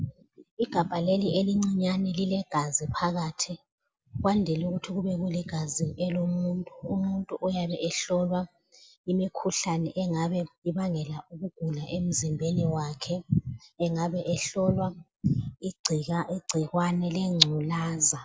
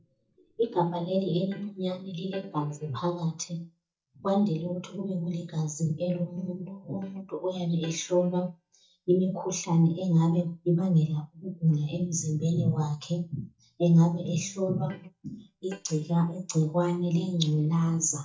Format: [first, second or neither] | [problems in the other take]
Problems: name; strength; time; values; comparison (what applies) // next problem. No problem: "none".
first | noise reduction (neural mask model DeepFilterNet 3)